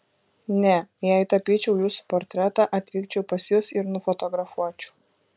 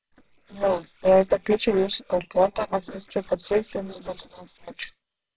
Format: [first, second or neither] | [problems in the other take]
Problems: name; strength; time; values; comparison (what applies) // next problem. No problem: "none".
first | noise reduction (neural separator model SepFormer WHAMR!)